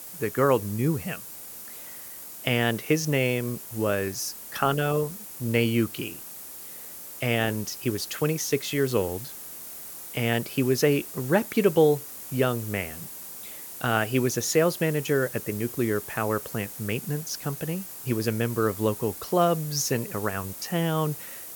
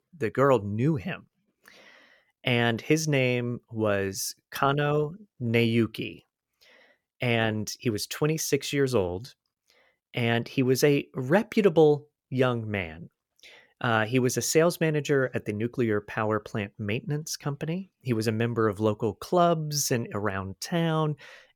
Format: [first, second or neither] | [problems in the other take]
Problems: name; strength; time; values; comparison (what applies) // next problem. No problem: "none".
second | hiss; noticeable; throughout; 10 dB below the speech